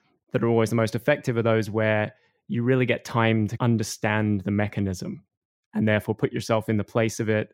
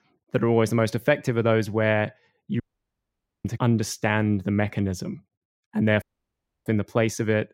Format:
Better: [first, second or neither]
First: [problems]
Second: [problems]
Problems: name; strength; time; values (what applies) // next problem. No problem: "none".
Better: first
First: none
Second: audio cutting out; at 2.5 s for 1 s and at 6 s for 0.5 s